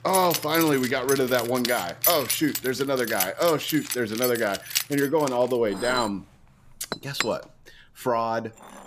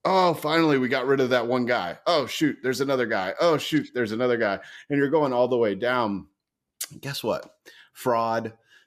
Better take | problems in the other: second | household noises; loud; throughout; 4 dB below the speech

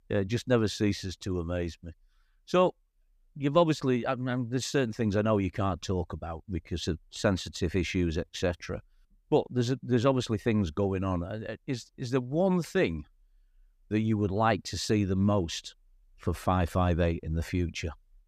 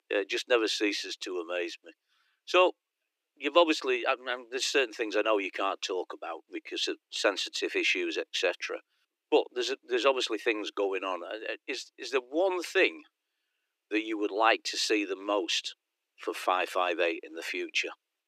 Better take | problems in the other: first | thin; very; fading below 300 Hz

